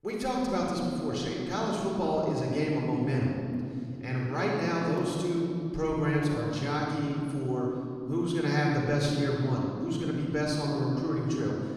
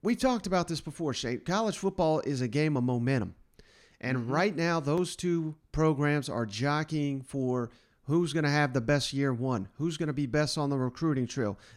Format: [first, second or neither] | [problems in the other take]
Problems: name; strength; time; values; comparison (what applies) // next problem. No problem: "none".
second | off-mic speech; somewhat distant // room echo; noticeable; dies away in 2.5 s